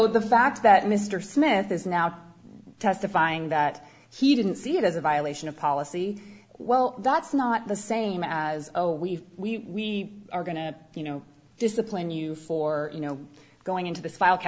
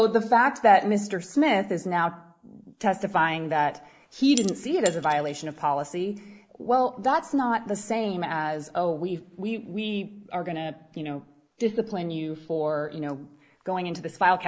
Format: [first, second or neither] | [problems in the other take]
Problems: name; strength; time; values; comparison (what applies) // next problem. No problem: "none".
first | noise reduction (neural mask model Resemble Enhance denoiser)